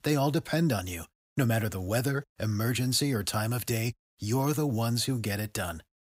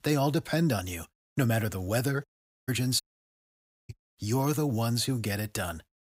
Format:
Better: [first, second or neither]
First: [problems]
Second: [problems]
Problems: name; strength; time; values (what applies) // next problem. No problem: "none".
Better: first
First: none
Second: audio cutting out; at 2.5 s and at 3 s for 1 s